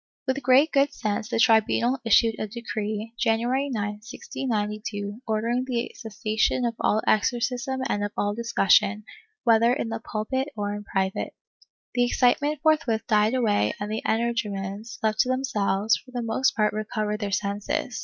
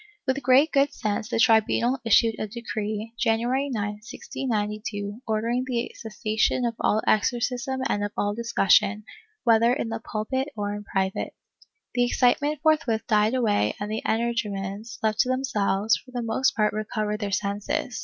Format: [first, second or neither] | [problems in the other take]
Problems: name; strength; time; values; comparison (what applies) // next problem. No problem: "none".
second | noise reduction (neural mask model DeepFilterNet 3)